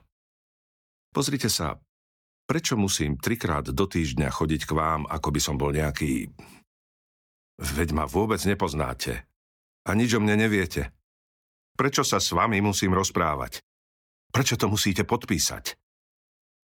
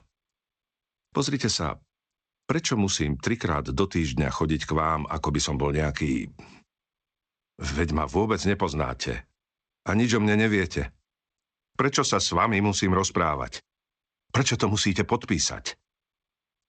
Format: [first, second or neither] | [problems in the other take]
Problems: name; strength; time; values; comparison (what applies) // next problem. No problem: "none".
first | garbled, watery; slightly; nothing above 7.5 kHz